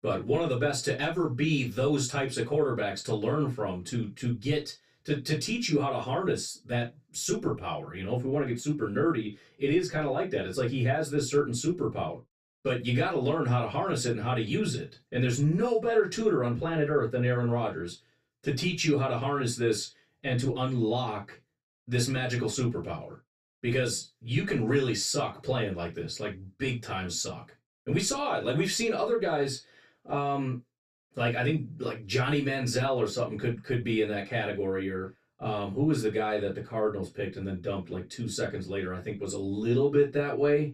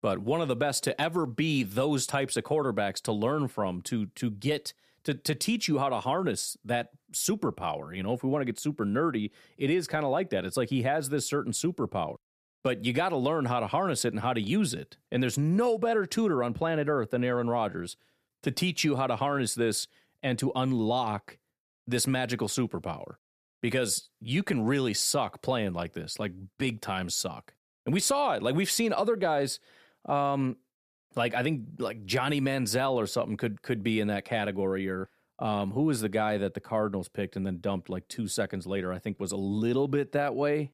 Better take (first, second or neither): second